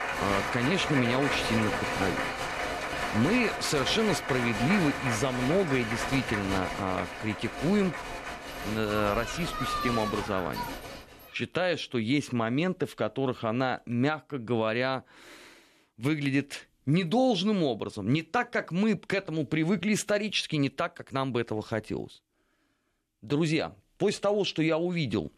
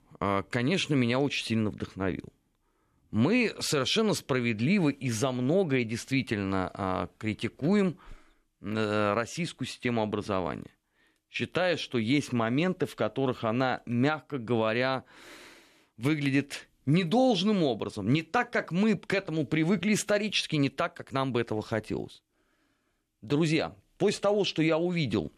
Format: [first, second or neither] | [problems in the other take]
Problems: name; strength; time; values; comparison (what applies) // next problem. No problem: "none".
second | crowd noise; loud; until 11 s; 3 dB below the speech